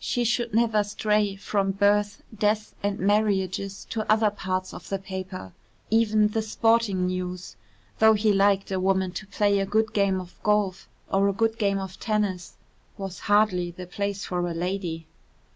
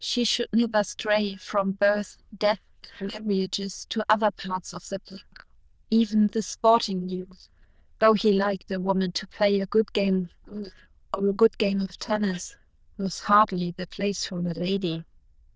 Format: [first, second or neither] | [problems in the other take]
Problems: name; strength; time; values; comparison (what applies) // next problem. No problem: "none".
first | noise reduction (neural diffusion model UNIVERSE++)